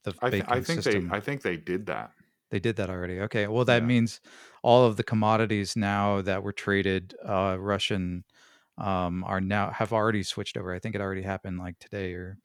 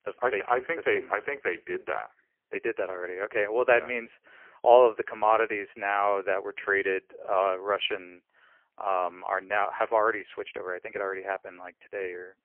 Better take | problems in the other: first | phone-call audio; poor line; nothing above 3 kHz

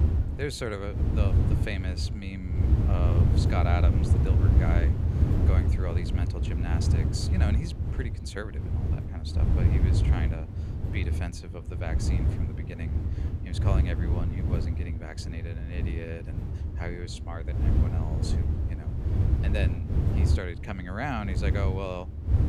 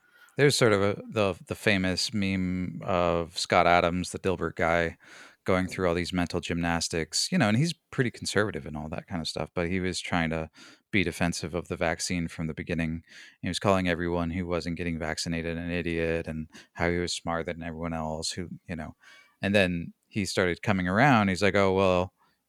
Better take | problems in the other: second | wind noise on the microphone; heavy; 2 dB below the speech

